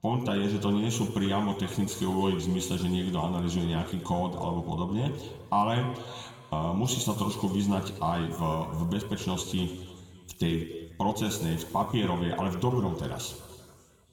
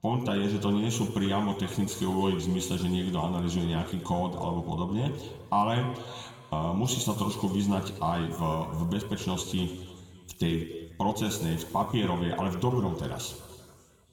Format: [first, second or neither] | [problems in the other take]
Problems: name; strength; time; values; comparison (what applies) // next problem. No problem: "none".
neither | room echo; noticeable; dies away in 1.9 s; the same in both // off-mic speech; somewhat distant; the same in both